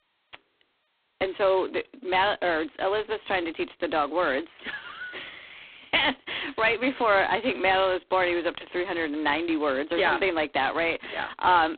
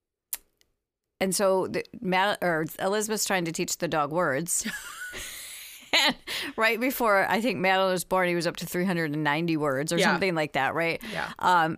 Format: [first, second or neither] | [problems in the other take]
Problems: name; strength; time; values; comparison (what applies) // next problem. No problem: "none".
second | phone-call audio; poor line; nothing above 4 kHz